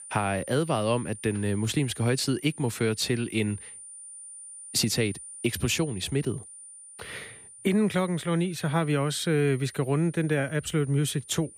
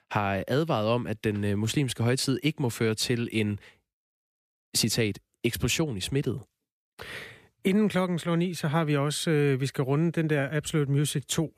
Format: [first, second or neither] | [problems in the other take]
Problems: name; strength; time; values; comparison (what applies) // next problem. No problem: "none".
second | high-pitched whine; noticeable; throughout; 9.5 kHz, 15 dB below the speech